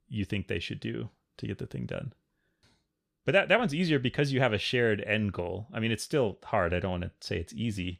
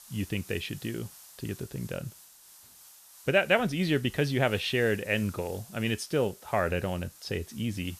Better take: first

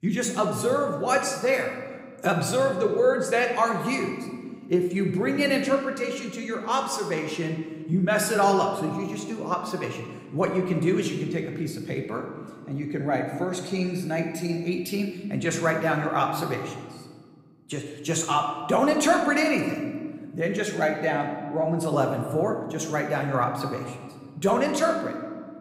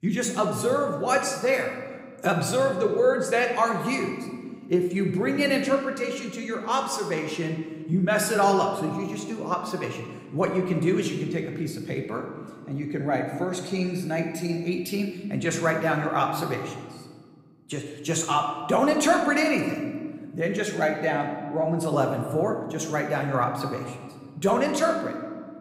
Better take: neither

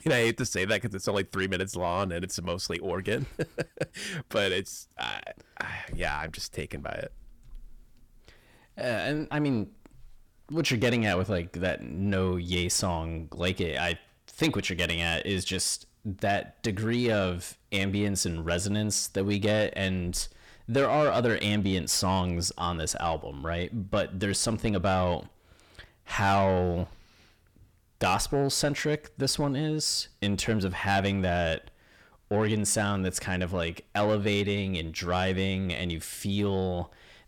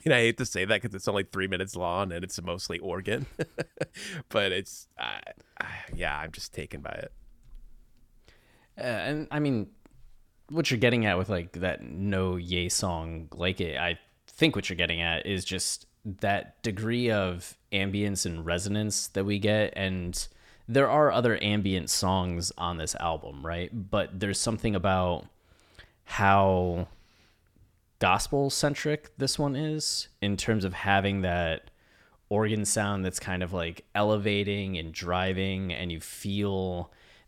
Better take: second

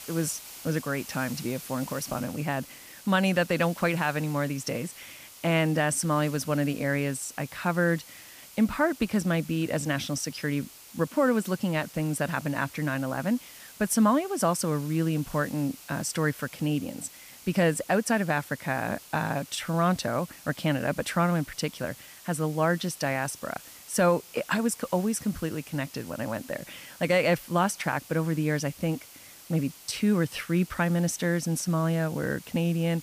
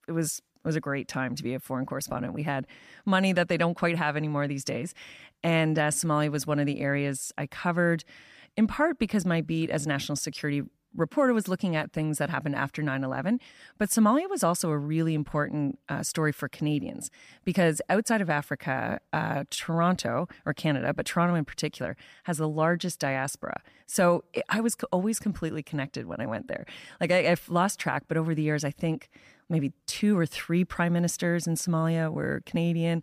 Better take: second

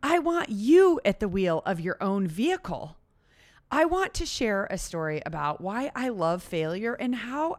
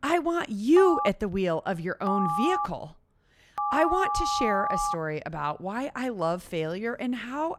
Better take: first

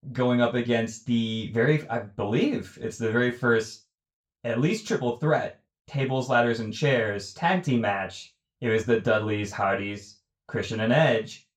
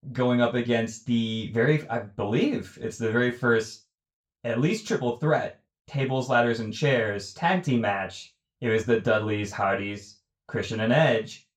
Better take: neither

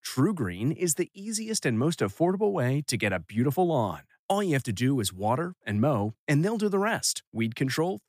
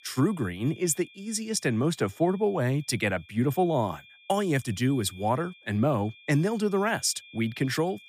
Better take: first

